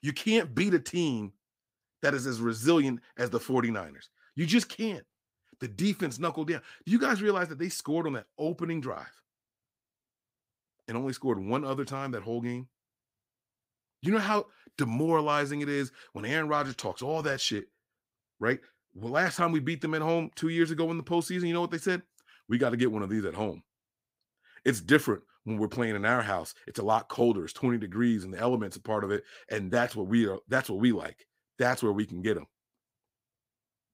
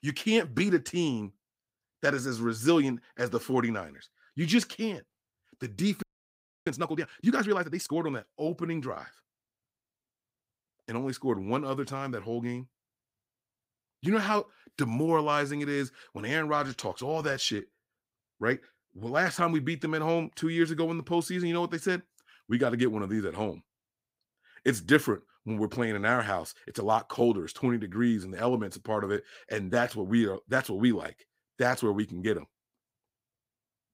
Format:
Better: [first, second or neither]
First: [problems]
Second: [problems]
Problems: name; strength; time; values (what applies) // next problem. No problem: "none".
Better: first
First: none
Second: audio freezing; at 6 s for 0.5 s